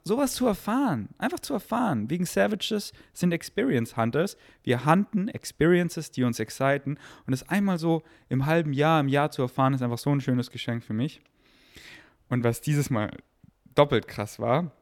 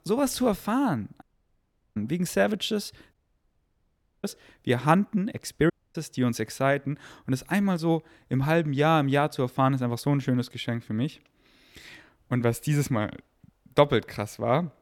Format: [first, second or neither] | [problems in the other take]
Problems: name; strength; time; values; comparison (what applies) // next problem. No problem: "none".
first | audio cutting out; at 1 s for 0.5 s, at 3 s for 1 s and at 5.5 s